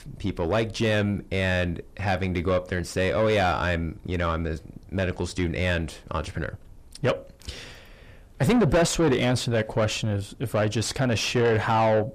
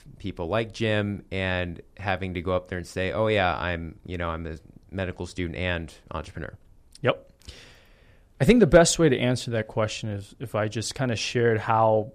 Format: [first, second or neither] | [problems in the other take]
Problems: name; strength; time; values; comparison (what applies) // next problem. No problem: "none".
second | distortion; heavy; 6 dB below the speech